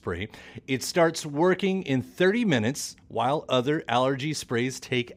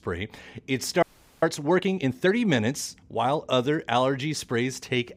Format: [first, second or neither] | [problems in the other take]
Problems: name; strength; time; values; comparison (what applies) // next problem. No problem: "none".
first | audio freezing; at 1 s